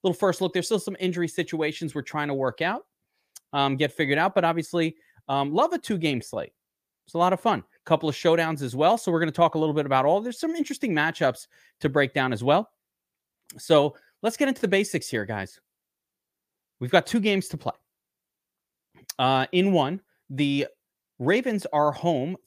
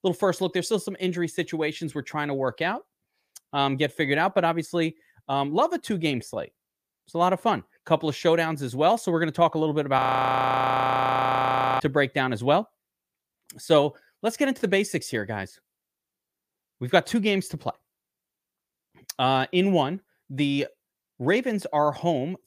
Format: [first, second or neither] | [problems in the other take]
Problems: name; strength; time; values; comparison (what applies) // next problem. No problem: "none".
first | audio freezing; at 10 s for 2 s